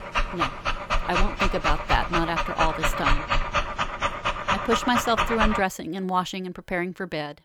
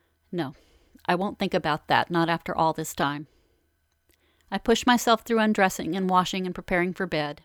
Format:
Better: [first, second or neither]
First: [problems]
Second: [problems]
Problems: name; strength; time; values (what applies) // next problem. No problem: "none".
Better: second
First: dog barking; loud; until 5.5 s; peak 4 dB above the speech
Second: none